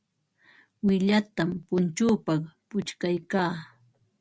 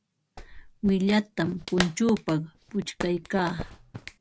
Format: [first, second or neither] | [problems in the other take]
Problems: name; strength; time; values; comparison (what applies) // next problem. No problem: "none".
first | background sound (Clapping); 11 dB below the speech